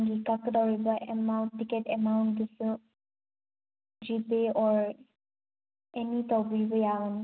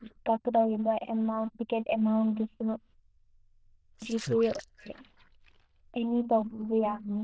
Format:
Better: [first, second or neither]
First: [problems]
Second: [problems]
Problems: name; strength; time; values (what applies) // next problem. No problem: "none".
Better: first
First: none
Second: noise reduction (neural diffusion model UNIVERSE++)